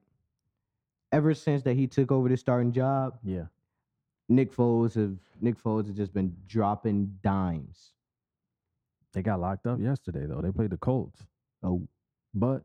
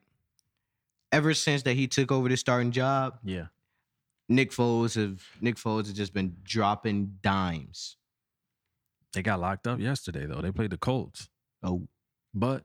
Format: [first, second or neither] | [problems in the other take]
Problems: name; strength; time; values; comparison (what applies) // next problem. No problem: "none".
second | muffled; very; fading above 1.5 kHz